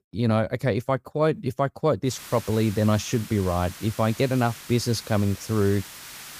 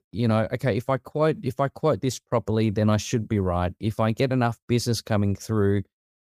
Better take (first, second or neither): second